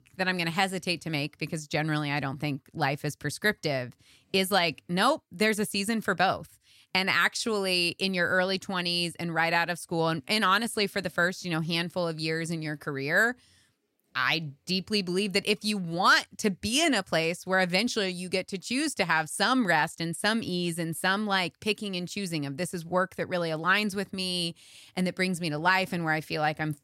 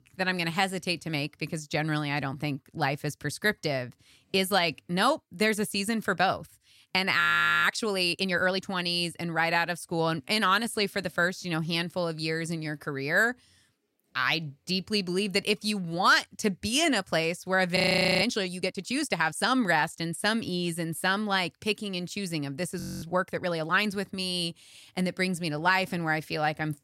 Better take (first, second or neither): first